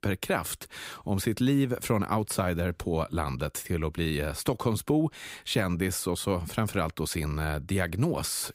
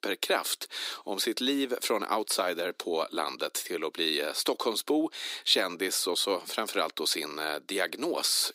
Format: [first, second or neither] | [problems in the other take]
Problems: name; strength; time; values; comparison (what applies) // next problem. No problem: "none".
first | thin; somewhat; fading below 300 Hz